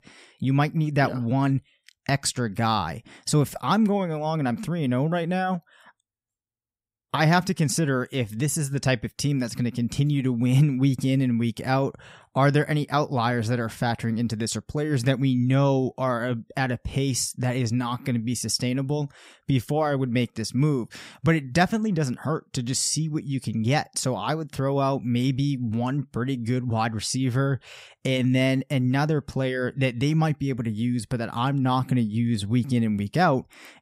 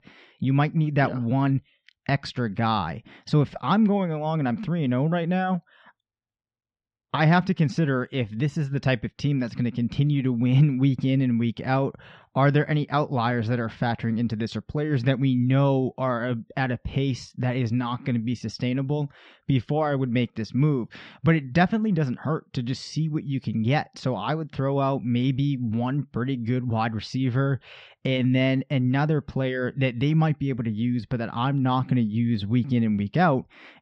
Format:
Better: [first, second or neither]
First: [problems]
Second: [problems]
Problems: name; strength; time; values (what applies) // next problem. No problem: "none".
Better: first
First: none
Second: muffled; slightly; fading above 4 kHz